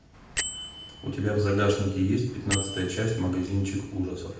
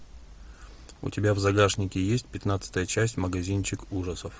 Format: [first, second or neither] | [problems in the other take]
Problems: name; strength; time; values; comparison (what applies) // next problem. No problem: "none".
second | background sound (Bell); 10 dB below the speech // room echo; dies away in 0.8 s